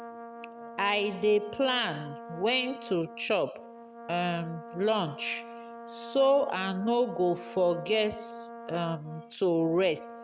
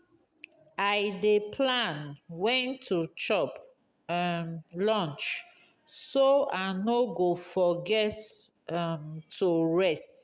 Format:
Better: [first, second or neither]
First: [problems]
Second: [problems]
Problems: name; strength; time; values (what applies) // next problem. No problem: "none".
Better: second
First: background sound (Brass instrument); 14 dB below the speech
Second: none